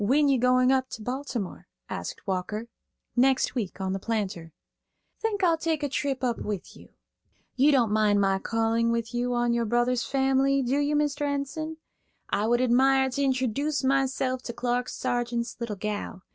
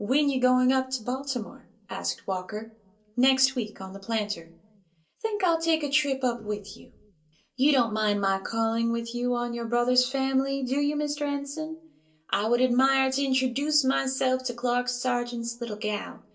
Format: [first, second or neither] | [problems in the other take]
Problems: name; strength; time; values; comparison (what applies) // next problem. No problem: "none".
first | room echo; dies away in 0.2 s